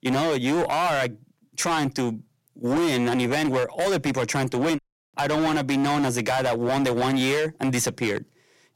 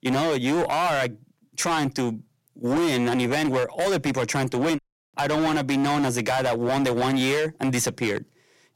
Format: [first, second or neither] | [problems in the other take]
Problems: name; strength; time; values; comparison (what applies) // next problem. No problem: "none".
neither | distortion; heavy; 22% of the sound clipped; the same in both